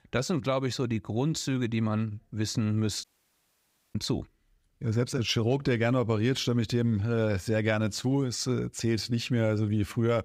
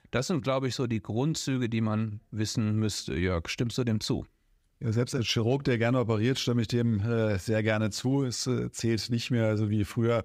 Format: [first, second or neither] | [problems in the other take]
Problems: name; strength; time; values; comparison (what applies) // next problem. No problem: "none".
second | audio cutting out; at 3 s for 1 s